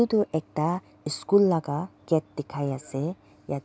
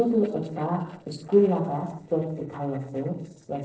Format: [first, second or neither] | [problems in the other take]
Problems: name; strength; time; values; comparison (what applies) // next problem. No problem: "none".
first | noise reduction (neural separator model SepFormer DNS4)